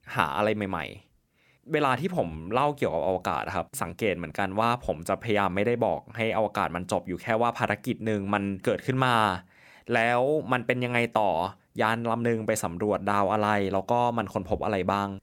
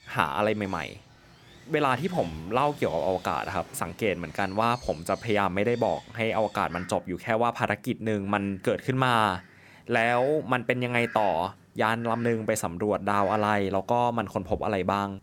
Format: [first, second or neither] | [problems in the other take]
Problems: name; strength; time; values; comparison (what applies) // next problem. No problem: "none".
first | animal sounds; faint; throughout; 20 dB below the speech